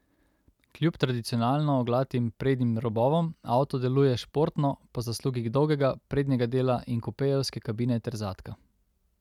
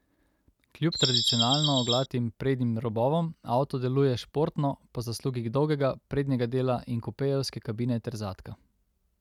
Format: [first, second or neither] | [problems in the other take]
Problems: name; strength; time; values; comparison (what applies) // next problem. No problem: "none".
first | background sound (Bird vocalization, bird call, bird song); 1 dB above the speech